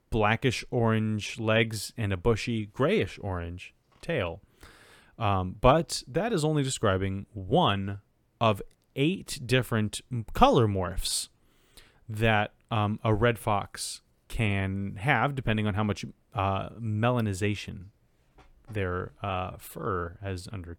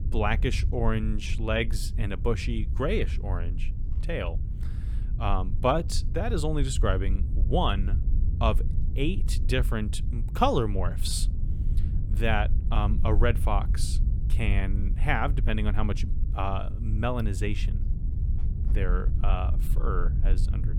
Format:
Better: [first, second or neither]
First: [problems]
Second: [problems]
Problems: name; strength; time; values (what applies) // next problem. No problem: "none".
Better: first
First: none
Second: low rumble; noticeable; throughout; 15 dB below the speech